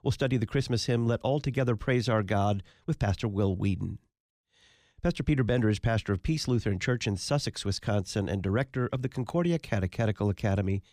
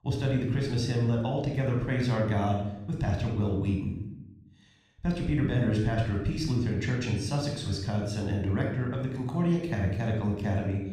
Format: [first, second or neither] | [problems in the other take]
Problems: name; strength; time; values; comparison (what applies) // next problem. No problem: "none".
first | off-mic speech; somewhat distant // room echo; noticeable; dies away in 0.7 s